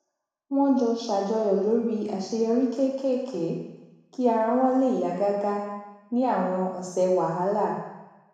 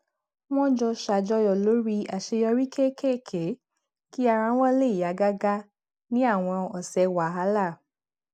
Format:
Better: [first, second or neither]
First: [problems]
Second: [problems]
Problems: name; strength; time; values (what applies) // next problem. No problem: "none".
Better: second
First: room echo; dies away in 1 s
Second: none